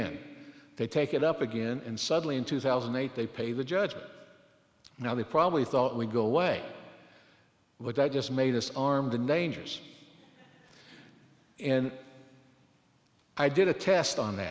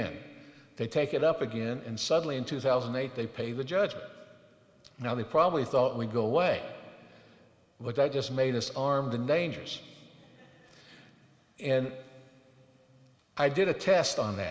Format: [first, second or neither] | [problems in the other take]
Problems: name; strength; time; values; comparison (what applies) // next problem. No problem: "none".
first | room echo; dies away in 1.6 s